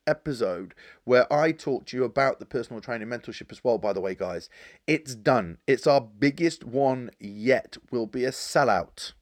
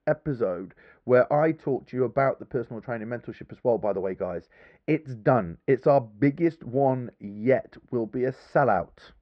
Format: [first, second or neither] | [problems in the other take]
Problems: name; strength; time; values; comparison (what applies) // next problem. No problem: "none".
first | muffled; very; fading above 1.5 kHz